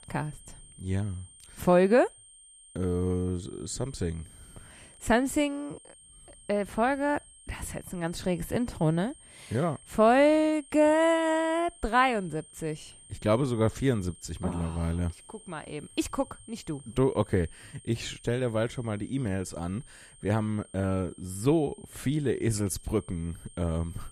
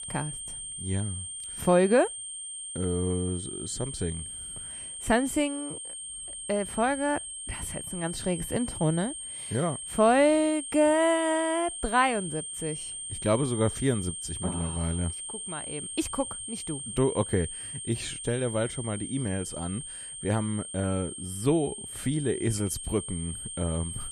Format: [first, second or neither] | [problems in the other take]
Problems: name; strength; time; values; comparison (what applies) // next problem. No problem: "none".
first | high-pitched whine; loud; throughout; 8.5 kHz, 7 dB below the speech; faint in the first